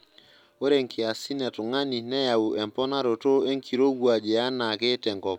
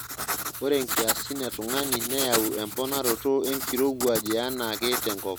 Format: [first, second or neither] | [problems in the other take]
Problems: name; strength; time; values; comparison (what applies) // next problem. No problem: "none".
first | background sound (Writing); 3 dB below the speech